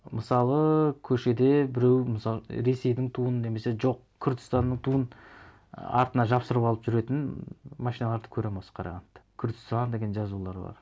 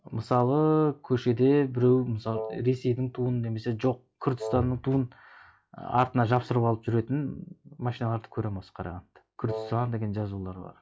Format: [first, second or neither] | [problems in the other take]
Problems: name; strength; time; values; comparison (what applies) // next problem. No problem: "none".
first | noise reduction (classical method log-MMSE)